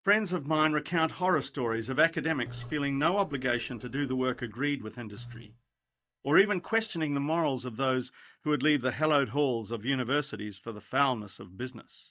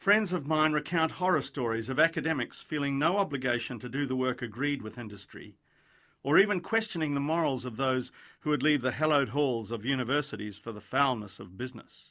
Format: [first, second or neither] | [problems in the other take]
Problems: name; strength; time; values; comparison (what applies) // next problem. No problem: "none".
second | noise reduction (neural mask model DeepFilterNet 3)